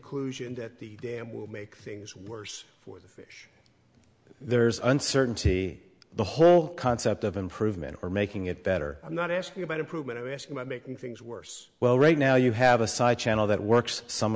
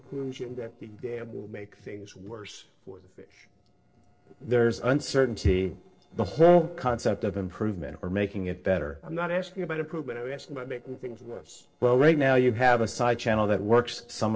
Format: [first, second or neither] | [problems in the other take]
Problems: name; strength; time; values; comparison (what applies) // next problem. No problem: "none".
first | noise reduction (neural separator model SepFormer DNS4)